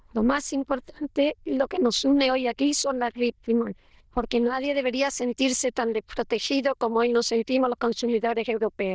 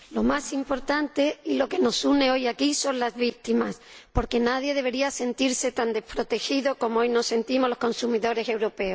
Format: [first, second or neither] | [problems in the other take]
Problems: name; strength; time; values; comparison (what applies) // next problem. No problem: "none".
second | noise reduction (neural diffusion model UNIVERSE++)